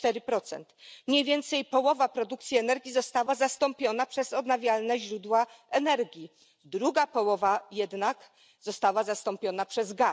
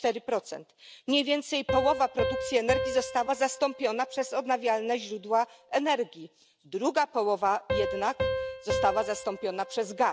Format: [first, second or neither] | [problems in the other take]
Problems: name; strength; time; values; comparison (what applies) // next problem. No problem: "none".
first | background sound (Piano); 7 dB below the speech